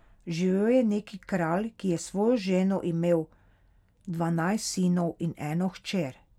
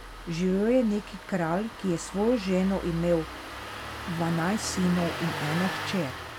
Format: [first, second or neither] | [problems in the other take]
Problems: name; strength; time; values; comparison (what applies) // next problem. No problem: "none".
first | background sound (Engine starting); 9 dB below the speech